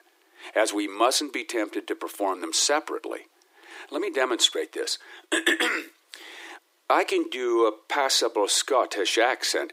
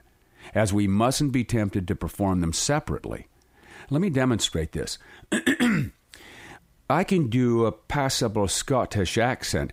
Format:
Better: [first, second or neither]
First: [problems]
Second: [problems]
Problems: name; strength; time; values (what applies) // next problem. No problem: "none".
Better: second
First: thin; very; fading below 300 Hz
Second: none